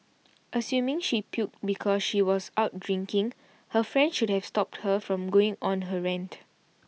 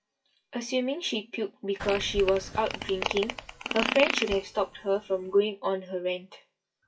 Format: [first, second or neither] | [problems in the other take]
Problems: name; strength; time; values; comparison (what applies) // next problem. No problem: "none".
first | noise reduction (classical method WPE with log-MMSE)